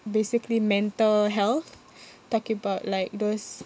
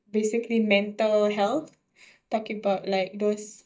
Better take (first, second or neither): first